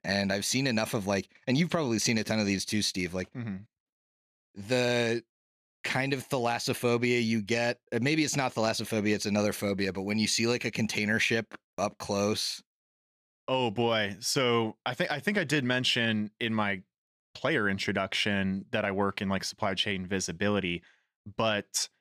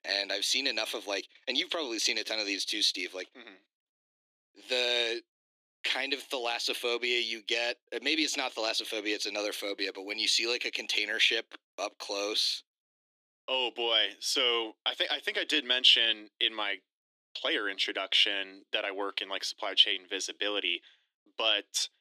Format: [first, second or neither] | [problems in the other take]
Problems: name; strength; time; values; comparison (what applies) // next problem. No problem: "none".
first | thin; somewhat; fading below 300 Hz